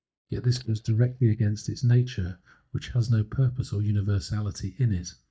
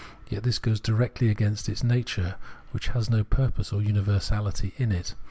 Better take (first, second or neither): second